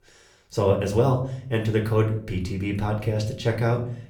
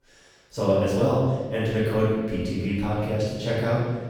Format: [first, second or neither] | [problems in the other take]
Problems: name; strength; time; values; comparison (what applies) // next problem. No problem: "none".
first | room echo; strong; dies away in 1.3 s; slight in the first // off-mic speech; far; somewhat distant in the first